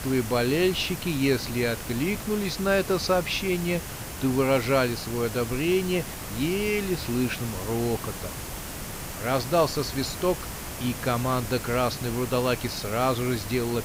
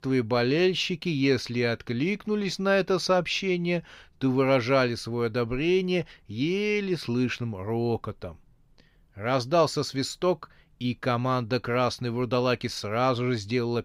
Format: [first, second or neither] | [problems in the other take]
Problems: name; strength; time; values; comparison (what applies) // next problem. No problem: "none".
second | hiss; loud; throughout; 8 dB below the speech